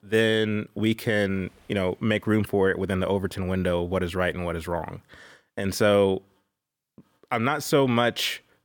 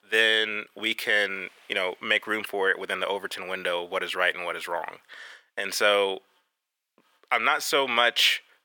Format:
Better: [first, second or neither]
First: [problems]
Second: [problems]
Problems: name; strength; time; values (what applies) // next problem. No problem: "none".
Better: first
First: none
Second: thin; very; fading below 600 Hz